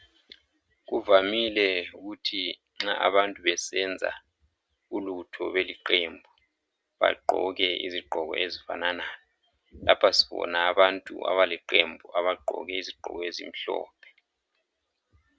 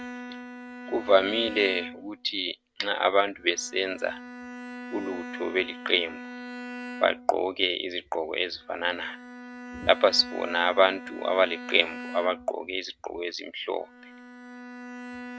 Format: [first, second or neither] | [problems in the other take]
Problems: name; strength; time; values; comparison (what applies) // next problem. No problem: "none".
first | background sound (Bowed string instrument); 13 dB below the speech